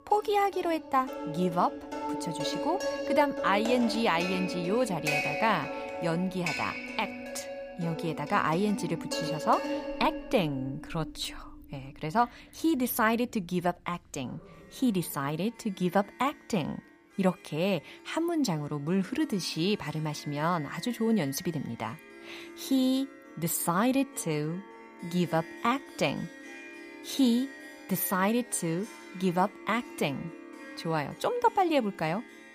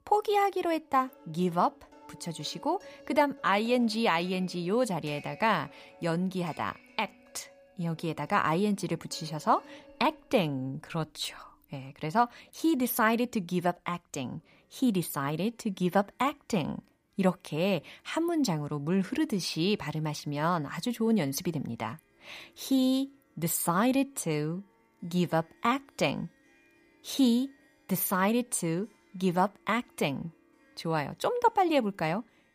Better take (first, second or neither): second